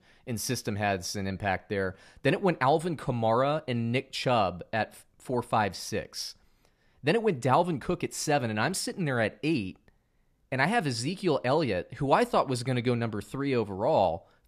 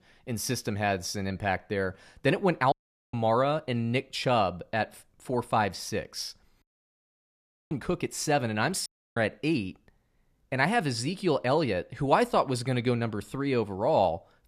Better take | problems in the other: first | audio cutting out; at 2.5 s, at 6.5 s for 1 s and at 9 s

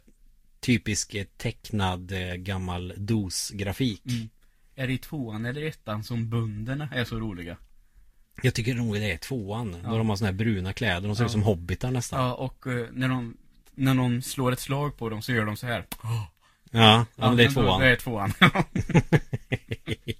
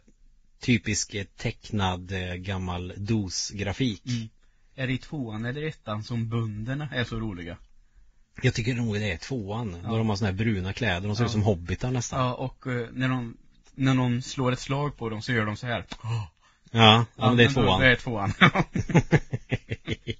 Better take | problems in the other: first | garbled, watery; badly; nothing above 7.5 kHz; slightly in the first

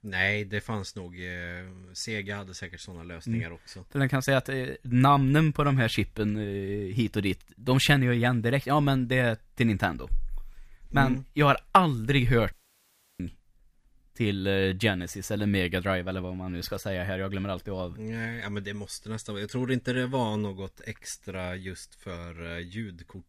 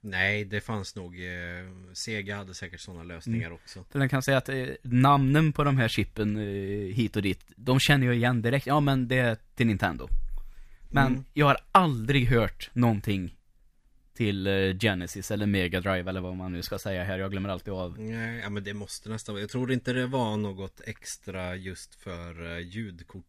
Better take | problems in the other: second | audio cutting out; at 13 s for 0.5 s

